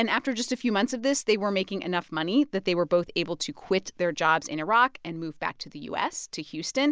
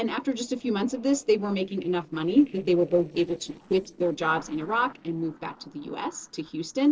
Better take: first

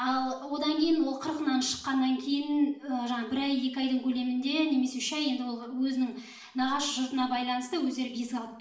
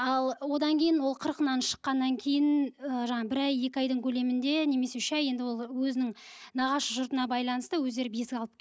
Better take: second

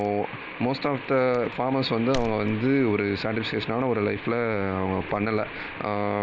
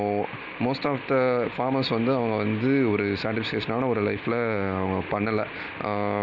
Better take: second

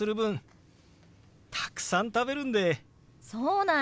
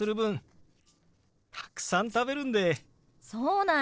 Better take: first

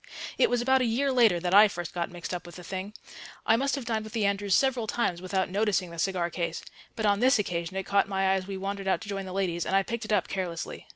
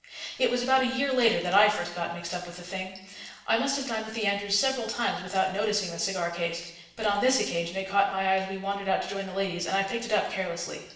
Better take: first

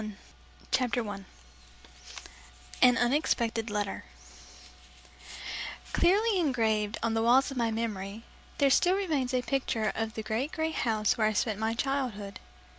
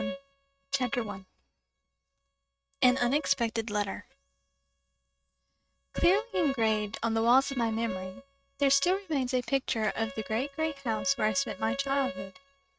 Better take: first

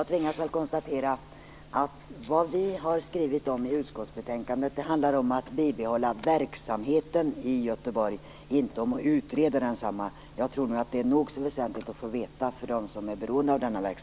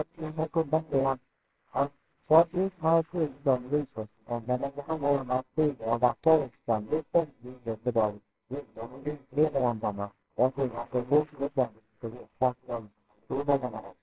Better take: first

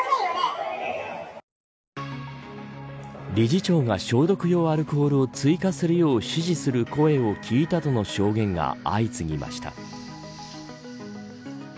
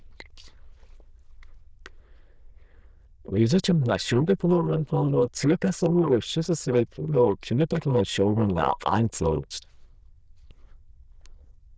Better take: first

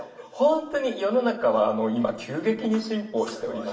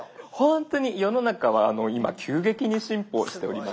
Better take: second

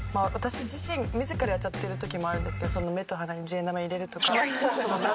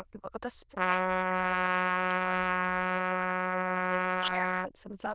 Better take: first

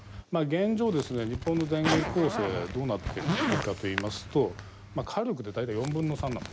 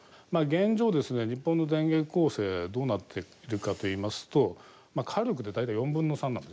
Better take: second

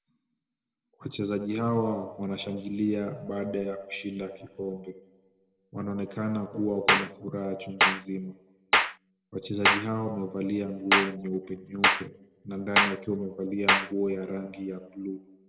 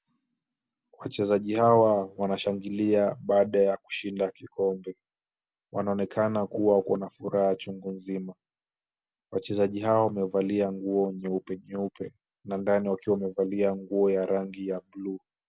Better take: second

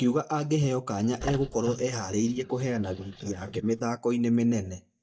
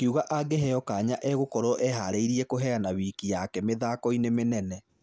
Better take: second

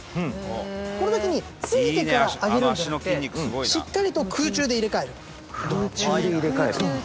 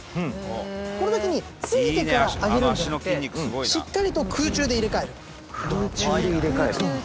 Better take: first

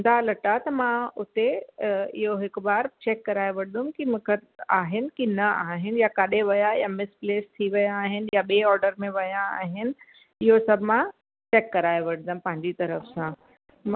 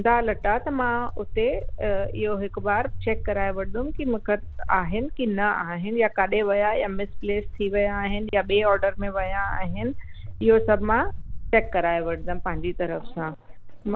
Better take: first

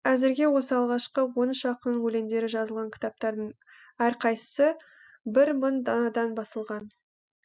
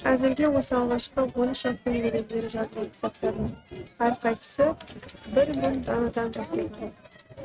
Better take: first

